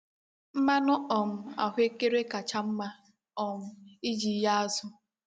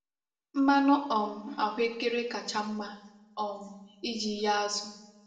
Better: first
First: none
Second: room echo; dies away in 0.7 s

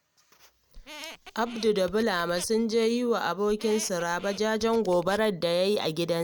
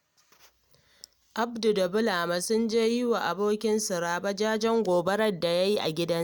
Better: second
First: background sound (Squeak); 18 dB below the speech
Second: none

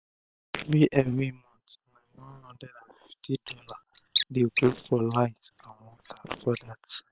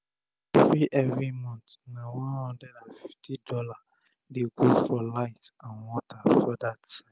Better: second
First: noise reduction (neural separator model SepFormer WHAM!)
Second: none

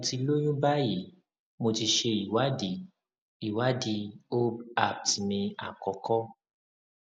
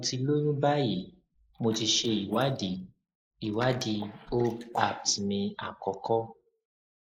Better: first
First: none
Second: noise reduction (neural mask model Resemble Enhance denoiser)

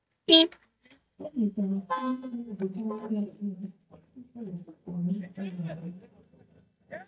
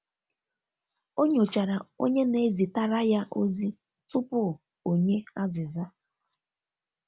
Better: second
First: noise reduction (neural mask model DeepFilterNet 3)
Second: none

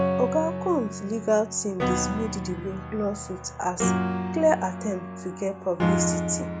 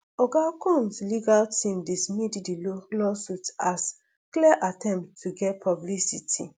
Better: second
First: background sound (Piano); 1 dB below the speech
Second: none

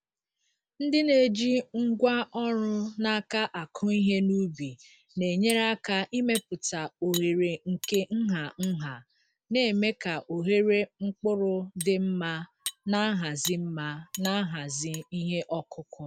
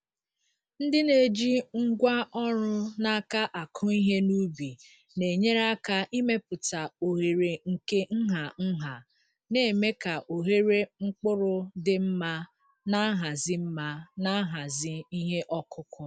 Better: second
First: background sound (Cutlery, silverware); 15 dB below the speech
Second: none

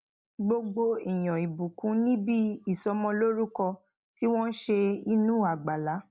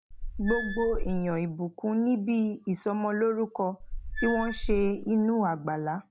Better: first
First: none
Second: background sound (Squeak / Screech); 4 dB below the speech

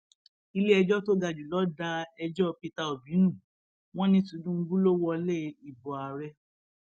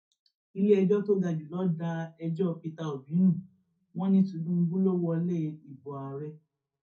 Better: first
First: none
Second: room echo; dies away in 0.3 s

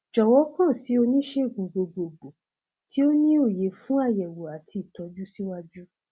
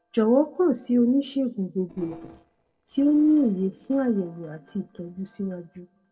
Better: first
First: none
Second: noise reduction (neural separator model SepFormer DNS4)

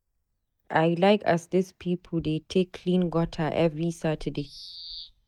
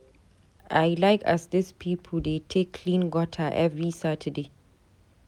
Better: second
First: noise reduction (neural mask model DeepFilterNet 3)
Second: none

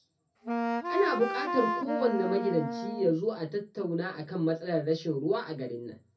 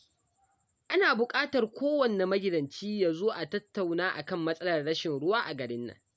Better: second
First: background sound (Wind instrument, woodwind instrument); 2 dB below the speech // room echo; dies away in 0.3 s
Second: none

